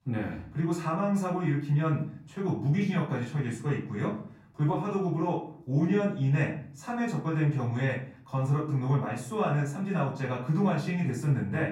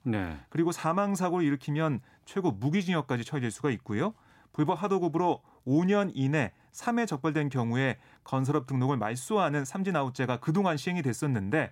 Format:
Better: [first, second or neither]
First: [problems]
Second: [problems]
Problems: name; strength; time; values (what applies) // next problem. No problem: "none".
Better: second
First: off-mic speech; far // room echo; slight; dies away in 0.5 s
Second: none